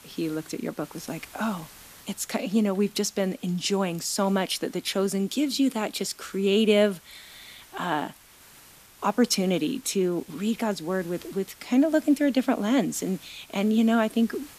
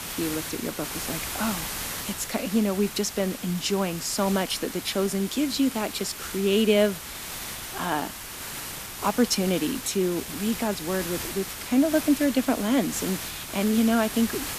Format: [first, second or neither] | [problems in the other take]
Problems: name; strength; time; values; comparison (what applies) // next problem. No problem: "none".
first | hiss; loud; throughout; 7 dB below the speech; faint in the first